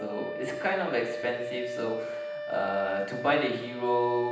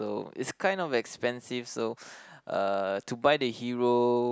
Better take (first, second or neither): second